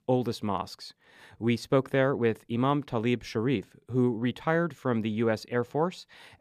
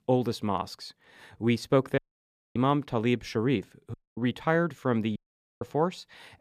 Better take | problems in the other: first | audio cutting out; at 2 s for 0.5 s, at 4 s and at 5 s

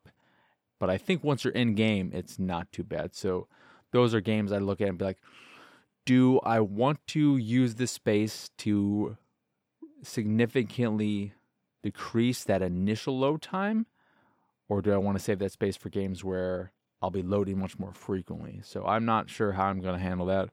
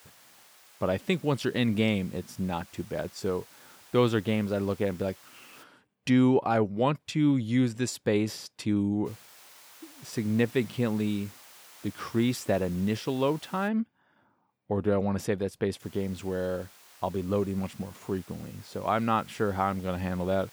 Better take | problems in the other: first | hiss; faint; until 5.5 s, from 9 to 14 s and from 16 s on; 20 dB below the speech

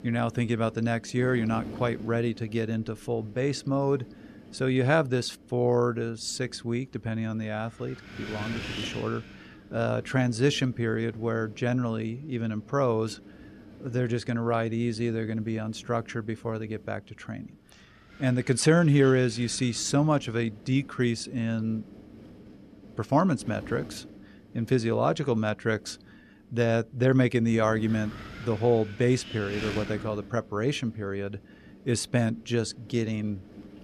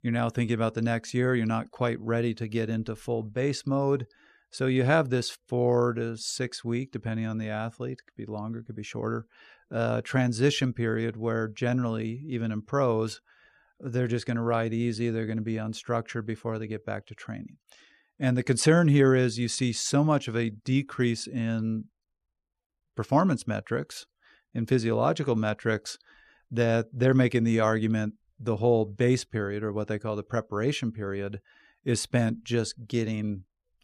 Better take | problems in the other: second | wind noise on the microphone; occasional gusts; 15 dB below the speech

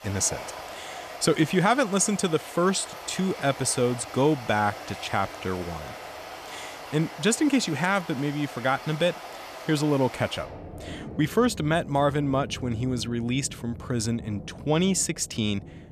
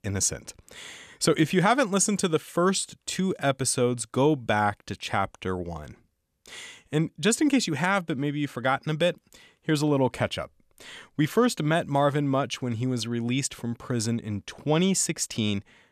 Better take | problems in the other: second | rain or running water; noticeable; throughout; 15 dB below the speech

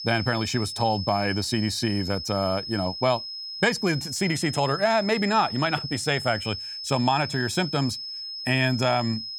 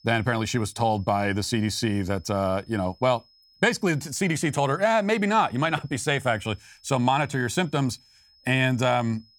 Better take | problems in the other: second | high-pitched whine; loud; throughout; 5 kHz, 7 dB below the speech; faint in the second

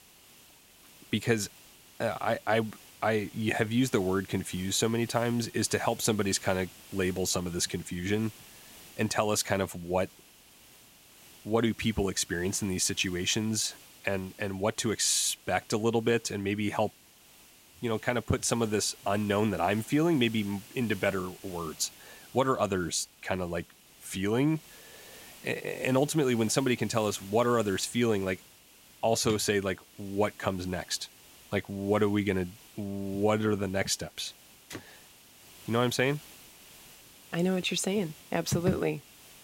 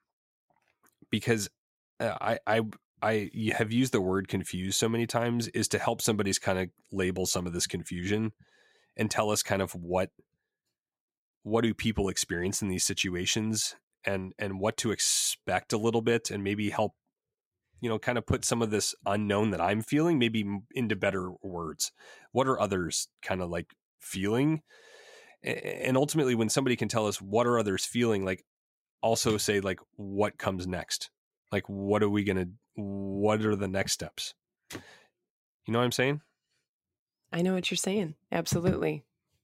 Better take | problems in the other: second | hiss; faint; throughout; 20 dB below the speech

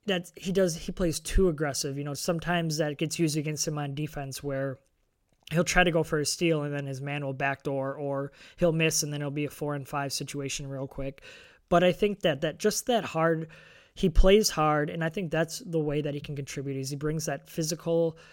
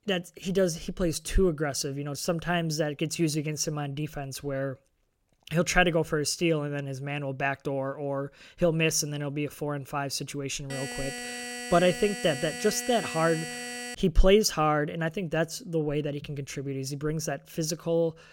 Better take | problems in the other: first | alarm; noticeable; from 11 to 14 s; peak 7 dB below the speech

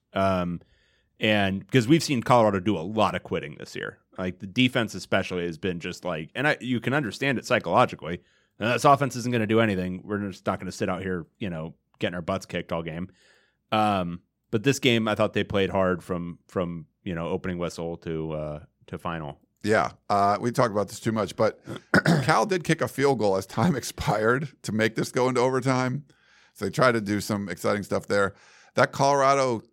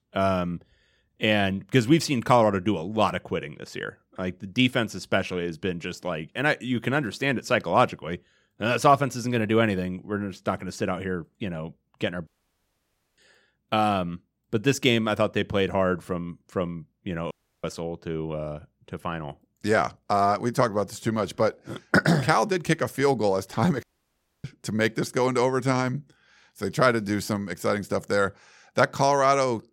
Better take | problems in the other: first | audio cutting out; at 12 s for 1 s, at 17 s and at 24 s for 0.5 s

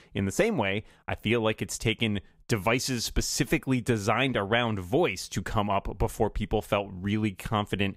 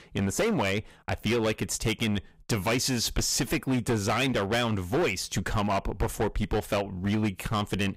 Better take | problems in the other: first | distortion; heavy; 14% of the sound clipped

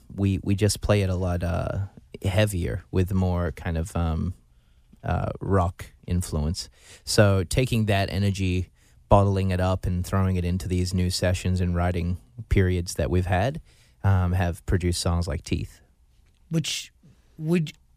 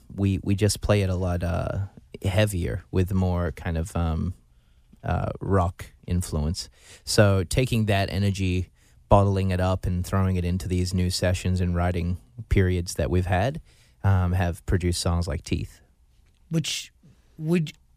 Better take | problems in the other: neither | none

